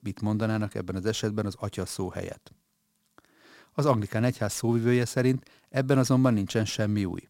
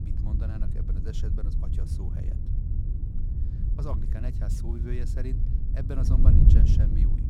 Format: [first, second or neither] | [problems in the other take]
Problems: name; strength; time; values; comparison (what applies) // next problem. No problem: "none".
first | wind noise on the microphone; heavy; 2 dB above the speech